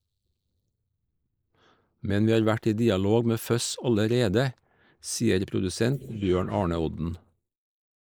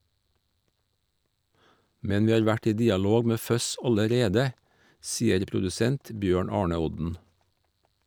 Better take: second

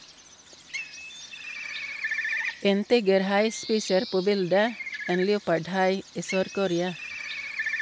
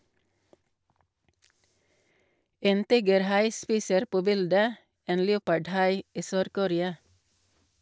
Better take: second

